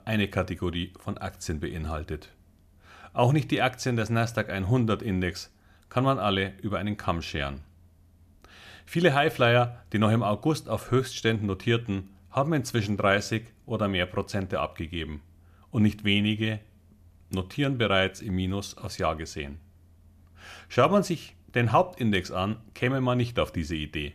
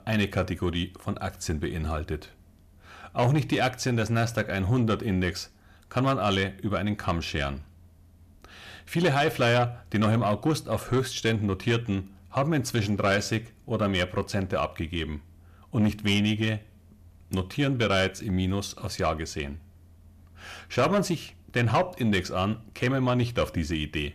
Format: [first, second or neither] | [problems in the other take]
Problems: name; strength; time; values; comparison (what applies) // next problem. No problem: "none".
first | distortion; slight; 10 dB below the speech